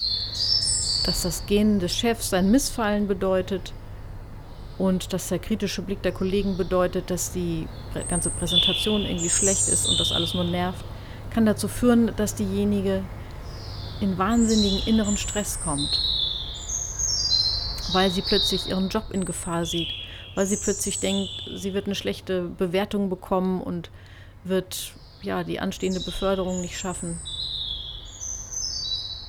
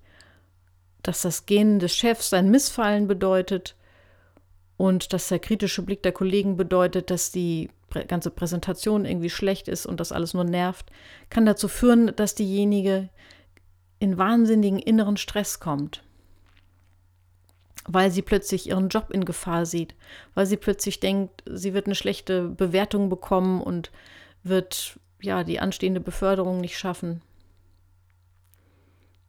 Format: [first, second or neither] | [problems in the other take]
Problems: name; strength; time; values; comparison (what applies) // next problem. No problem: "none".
second | animal sounds; very loud; throughout; as loud as the speech